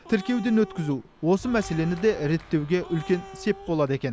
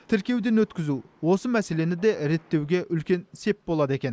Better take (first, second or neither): second